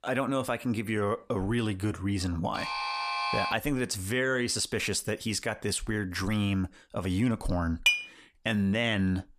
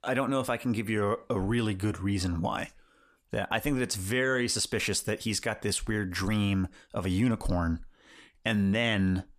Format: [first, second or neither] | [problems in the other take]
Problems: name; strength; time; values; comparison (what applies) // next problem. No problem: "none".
second | alarm; loud; from 2.5 to 3.5 s; peak 1 dB above the speech // clattering dishes; loud; at 8 s; peak 5 dB above the speech